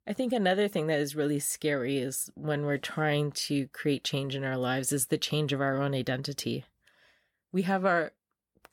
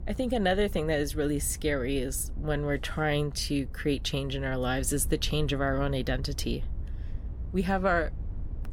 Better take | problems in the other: first | low rumble; faint; throughout; 25 dB below the speech

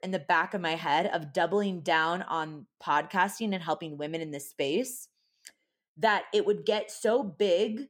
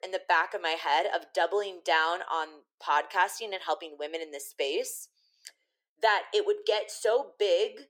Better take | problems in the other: first | thin; very; fading below 400 Hz

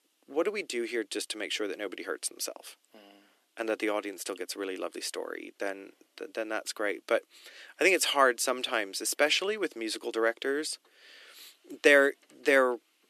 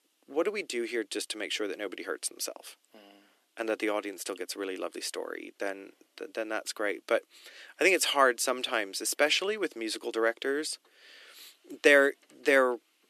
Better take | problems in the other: neither | thin; somewhat; fading below 300 Hz; the same in both

